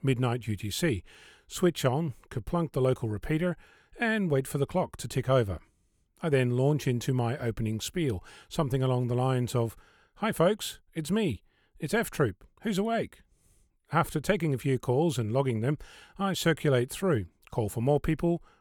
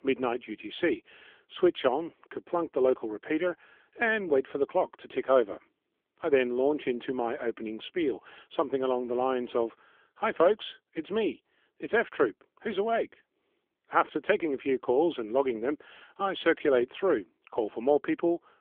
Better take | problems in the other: first | phone-call audio; nothing above 3.5 kHz

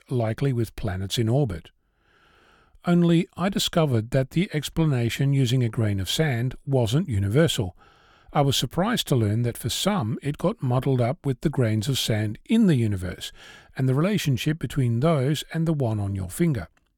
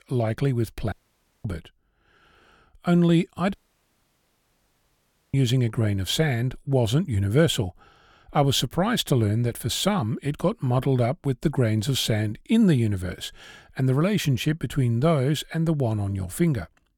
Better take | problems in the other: first | audio cutting out; at 1 s for 0.5 s and at 3.5 s for 2 s

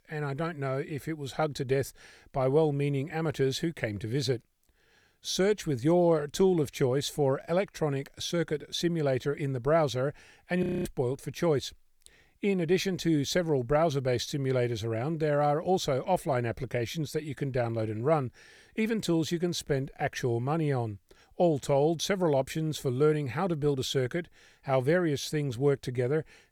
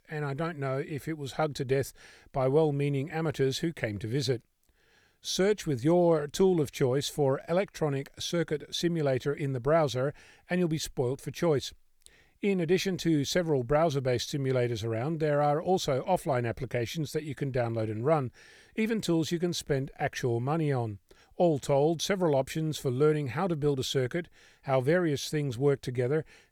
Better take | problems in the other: second | audio freezing; at 11 s

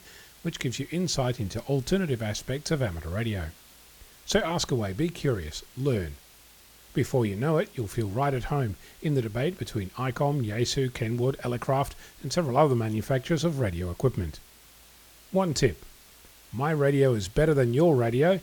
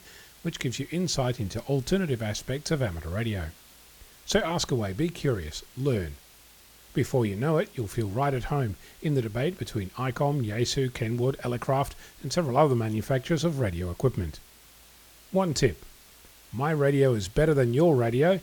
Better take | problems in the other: neither | hiss; faint; throughout; 25 dB below the speech; the same in both

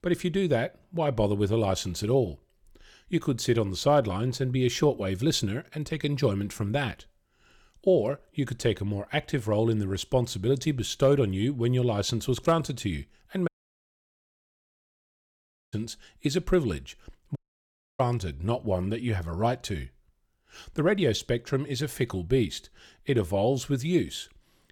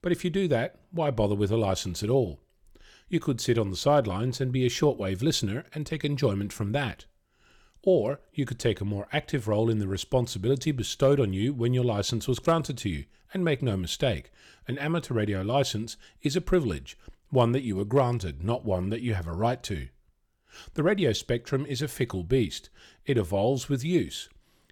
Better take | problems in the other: second | audio cutting out; at 13 s for 2 s and at 17 s for 0.5 s

